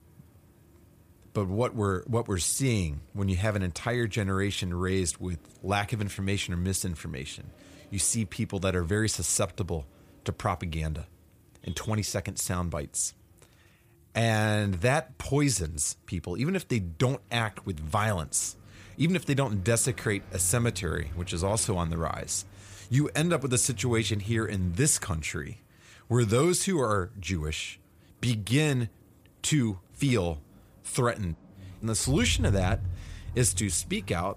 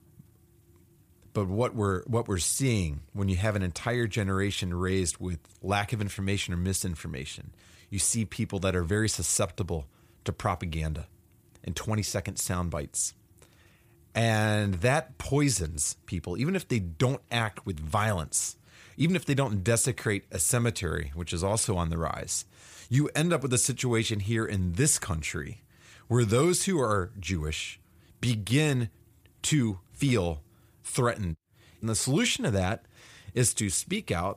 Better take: second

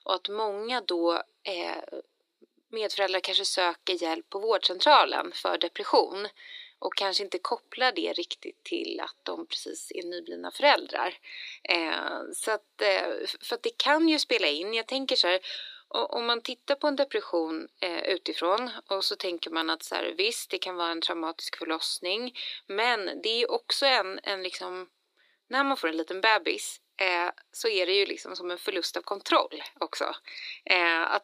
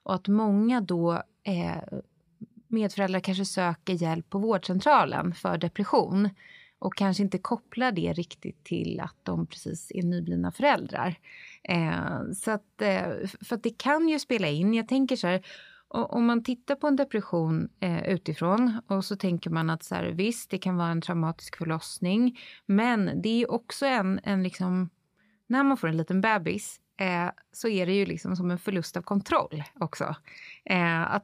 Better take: second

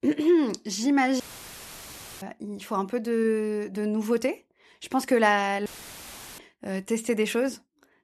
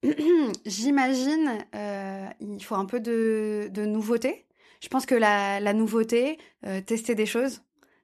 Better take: second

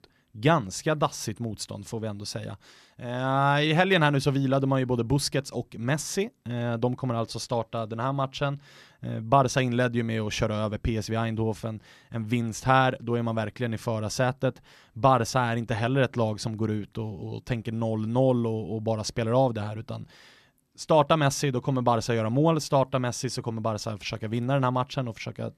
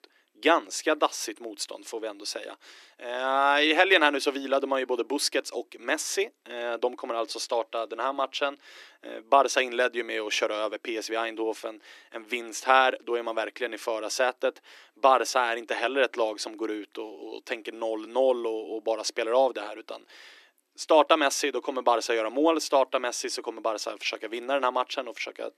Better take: first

